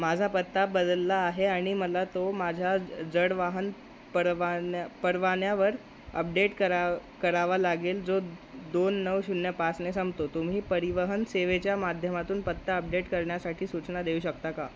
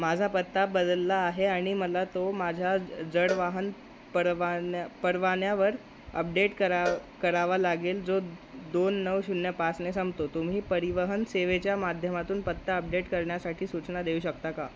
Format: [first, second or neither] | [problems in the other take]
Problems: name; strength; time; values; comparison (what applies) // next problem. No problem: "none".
first | background sound (Cowbell); 14 dB below the speech